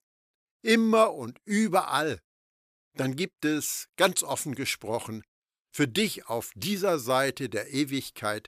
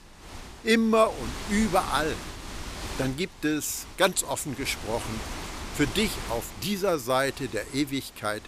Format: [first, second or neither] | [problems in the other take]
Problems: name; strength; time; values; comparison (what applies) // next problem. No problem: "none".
first | wind noise on the microphone; occasional gusts; 10 dB below the speech